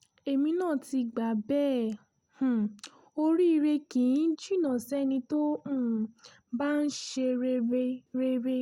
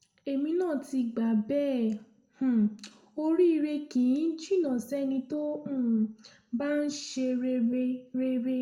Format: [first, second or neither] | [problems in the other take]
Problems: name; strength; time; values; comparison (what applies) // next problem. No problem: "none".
first | room echo; dies away in 0.5 s